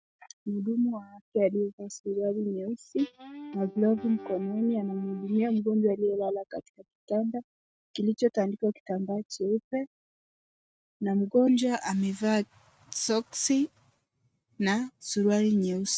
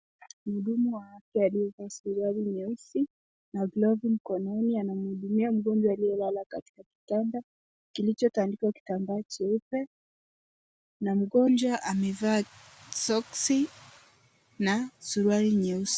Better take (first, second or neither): second